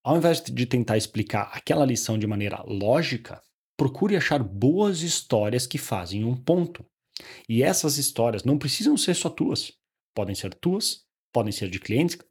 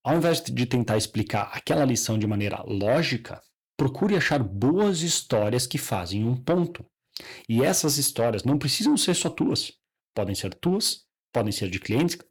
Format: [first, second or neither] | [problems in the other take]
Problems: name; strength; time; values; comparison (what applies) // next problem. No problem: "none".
first | distortion; slight; 10 dB below the speech